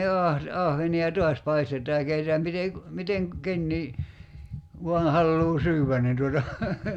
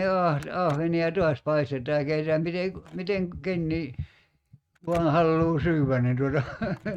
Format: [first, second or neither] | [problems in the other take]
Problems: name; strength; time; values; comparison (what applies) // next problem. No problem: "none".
first | noise reduction (neural mask model RNNoise)